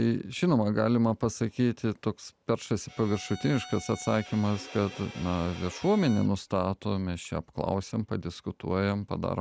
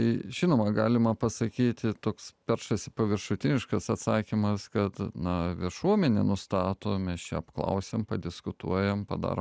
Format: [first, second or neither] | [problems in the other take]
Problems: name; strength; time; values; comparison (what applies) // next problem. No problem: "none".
second | background sound (Bowed string instrument); 17 dB below the speech